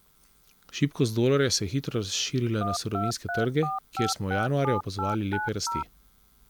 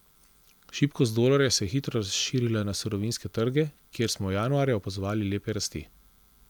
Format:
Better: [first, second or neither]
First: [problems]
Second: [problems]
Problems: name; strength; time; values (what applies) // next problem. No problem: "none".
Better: second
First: background sound (Telephone); 5 dB below the speech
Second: none